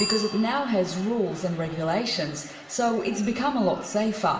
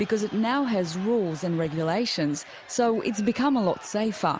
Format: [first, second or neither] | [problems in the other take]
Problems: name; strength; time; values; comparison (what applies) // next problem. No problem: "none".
second | background sound (Bicycle bell); 13 dB below the speech // room echo; dies away in 0.8 s